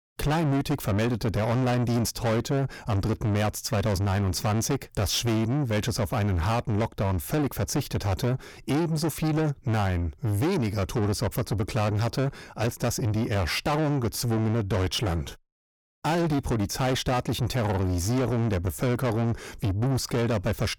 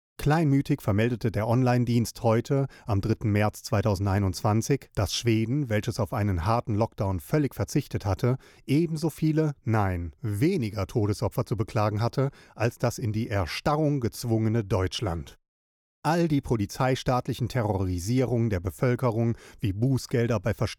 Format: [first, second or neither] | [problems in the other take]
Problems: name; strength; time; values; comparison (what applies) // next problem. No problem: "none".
second | distortion; heavy; 7 dB below the speech